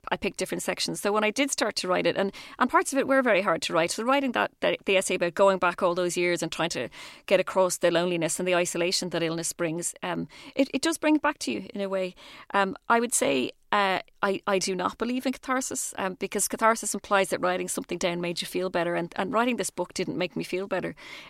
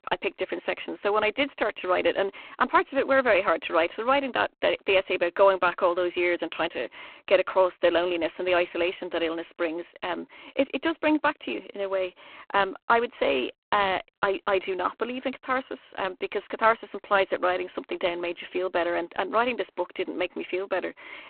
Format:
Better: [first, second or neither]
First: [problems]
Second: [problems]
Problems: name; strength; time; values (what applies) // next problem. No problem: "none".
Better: first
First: none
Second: phone-call audio; poor line